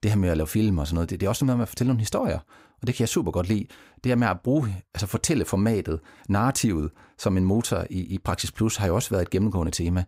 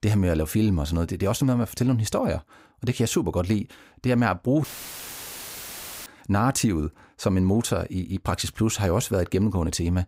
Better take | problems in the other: first | audio cutting out; filled with static; at 4.5 s for 1.5 s

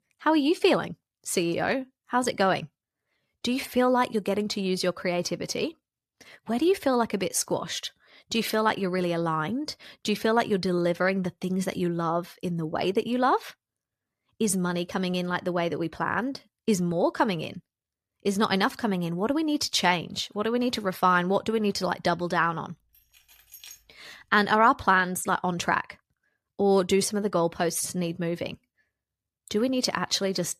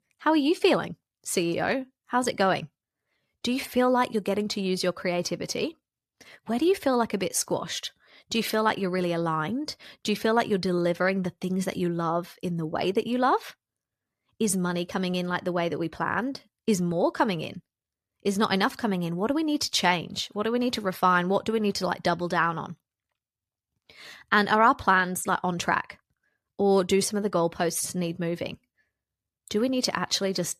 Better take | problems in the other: second | jangling keys; faint; at 23 s; peak 20 dB below the speech

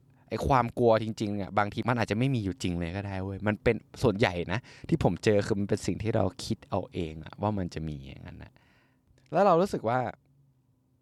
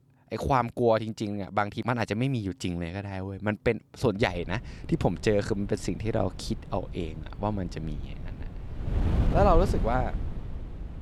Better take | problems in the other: first | wind noise on the microphone; occasional gusts; from 4 s on; 15 dB below the speech

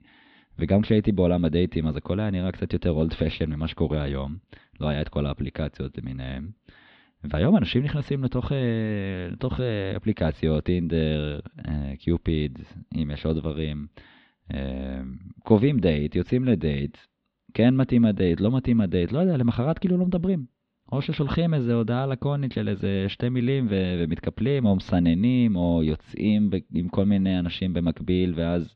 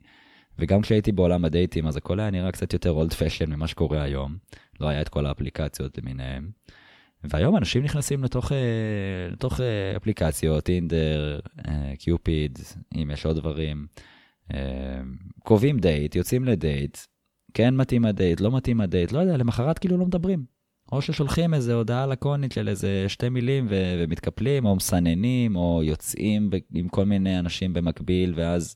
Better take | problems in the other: second | muffled; slightly; fading above 4 kHz

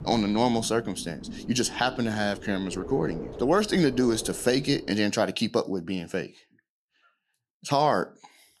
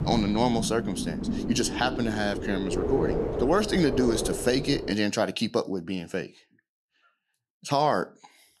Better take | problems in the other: first | wind noise on the microphone; heavy; until 5 s; 7 dB below the speech; occasional gusts in the first

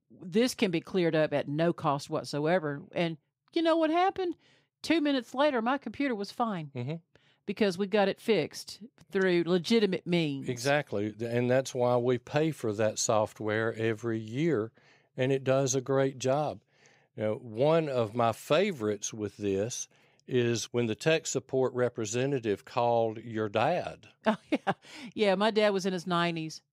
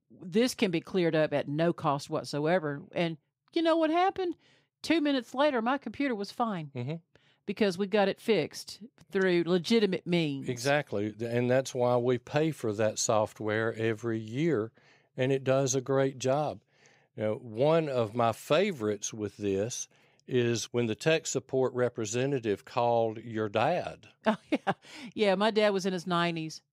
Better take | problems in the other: neither | none

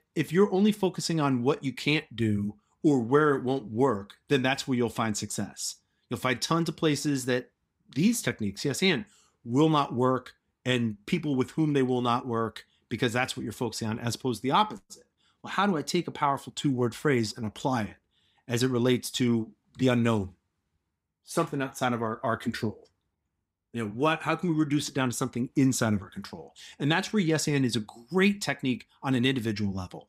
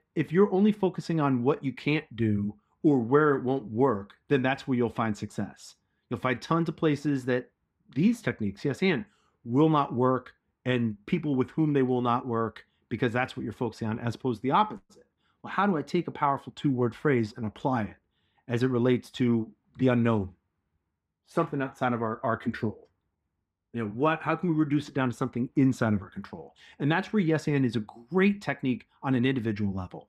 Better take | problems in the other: first | muffled; slightly; fading above 3.5 kHz

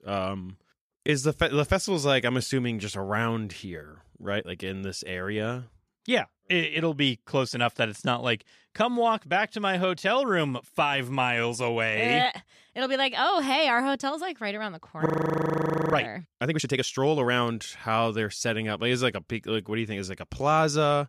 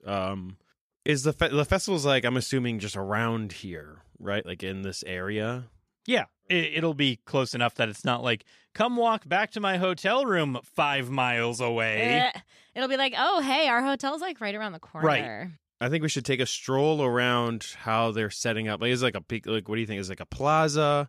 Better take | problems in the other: second | audio freezing; at 15 s for 1 s

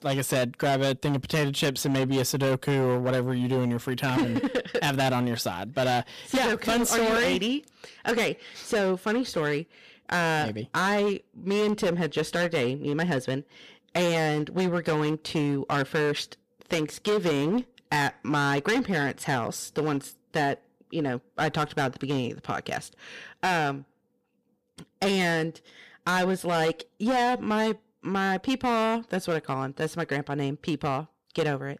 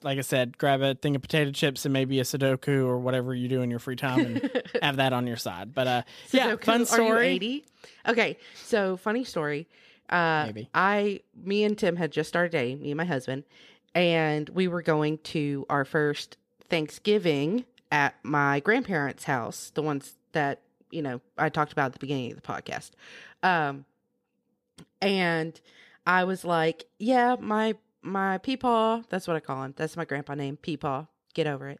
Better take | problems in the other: second | distortion; heavy; 14% of the sound clipped

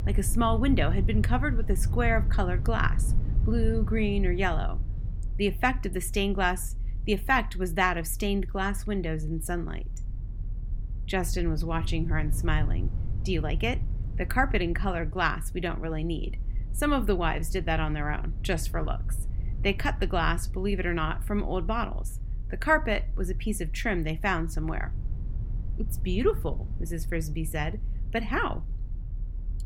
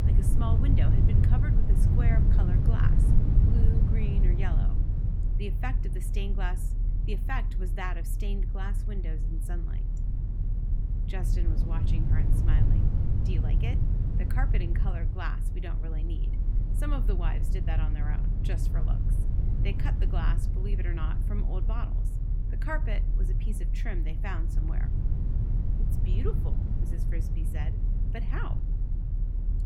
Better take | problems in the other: first | low rumble; loud; throughout; 2 dB below the speech; faint in the first

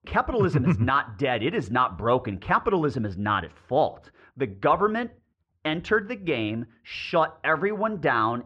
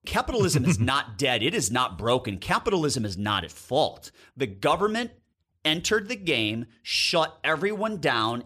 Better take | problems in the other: second | muffled; very; fading above 1.5 kHz

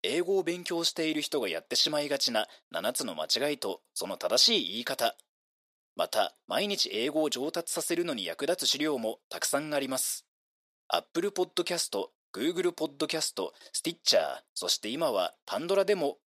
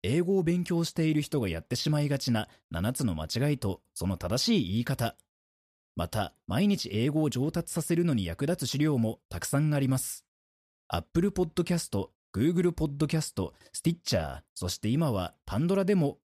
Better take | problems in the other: second | thin; very; fading below 400 Hz

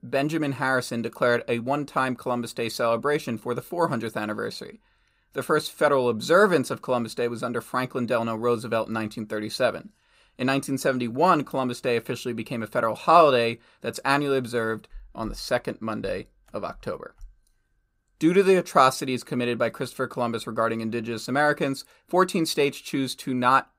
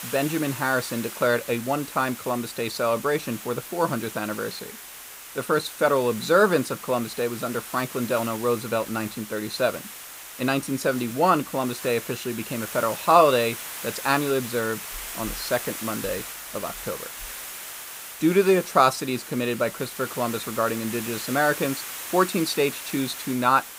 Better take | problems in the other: first | hiss; noticeable; throughout; 10 dB below the speech

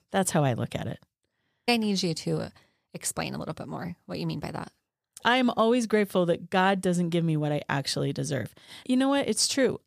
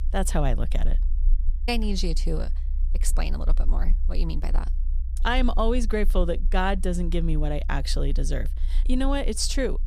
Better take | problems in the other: first | low rumble; faint; throughout; 25 dB below the speech

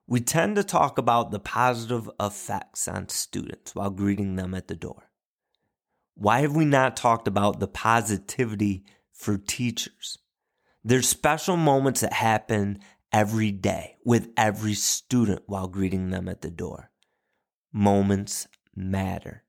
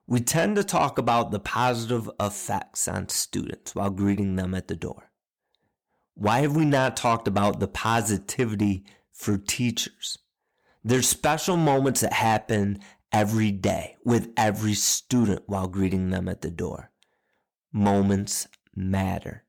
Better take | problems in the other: first | distortion; slight; 10 dB below the speech

